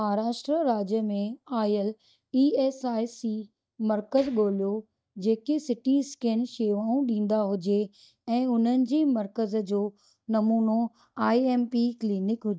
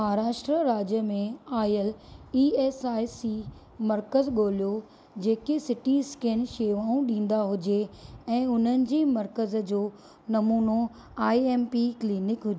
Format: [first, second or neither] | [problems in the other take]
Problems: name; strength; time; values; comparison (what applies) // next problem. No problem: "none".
second | noise reduction (neural mask model DeepFilterNet 3)